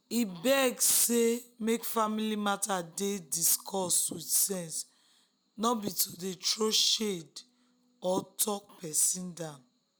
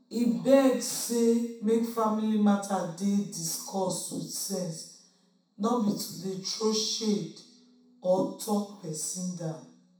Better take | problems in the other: first | room echo; dies away in 0.7 s

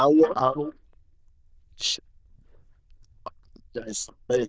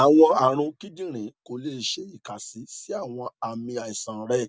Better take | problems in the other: second | noise reduction (neural diffusion model UNIVERSE++)

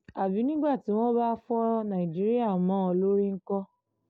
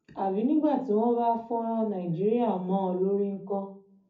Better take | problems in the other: first | room echo; dies away in 0.4 s

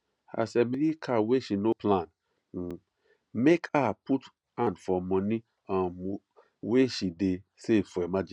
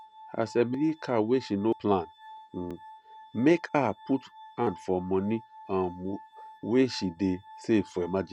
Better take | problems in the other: first | background sound (Glass); 20 dB below the speech

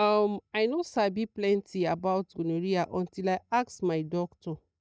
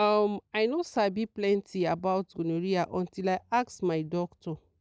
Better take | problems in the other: second | noise reduction (neural mask model DeepFilterNet 3)

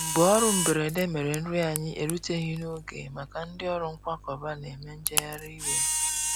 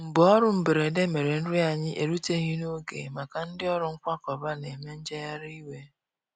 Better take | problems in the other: second | background sound (Camera); 4 dB below the speech

